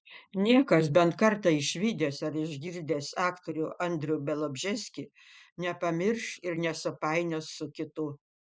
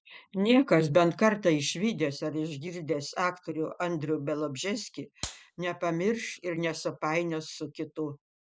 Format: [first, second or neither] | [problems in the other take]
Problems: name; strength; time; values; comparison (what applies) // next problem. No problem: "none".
first | background sound (Clapping); 14 dB below the speech